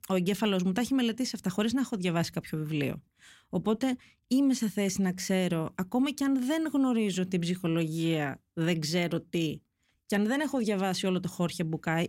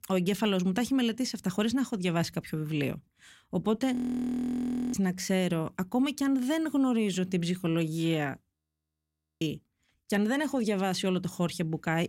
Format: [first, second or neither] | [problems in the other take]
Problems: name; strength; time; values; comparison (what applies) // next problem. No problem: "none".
first | audio freezing; at 4 s for 1 s and at 8.5 s for 1 s